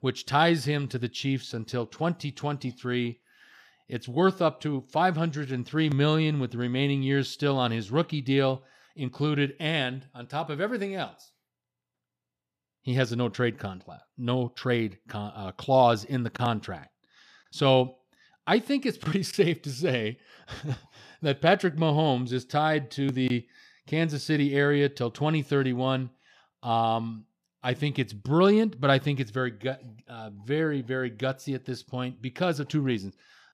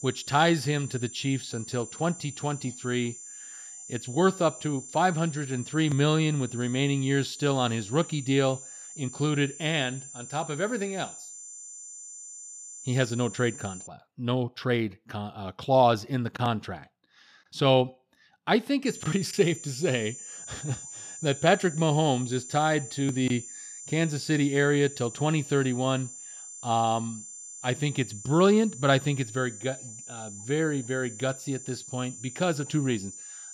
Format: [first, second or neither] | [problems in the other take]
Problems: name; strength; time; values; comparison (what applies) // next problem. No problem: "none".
first | high-pitched whine; noticeable; until 14 s and from 19 s on; 7 kHz, 15 dB below the speech